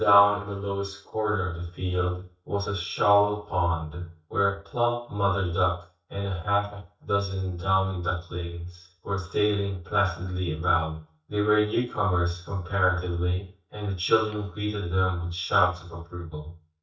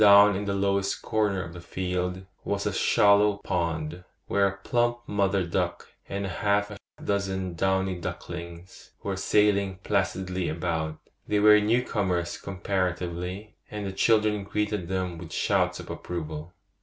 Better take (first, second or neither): second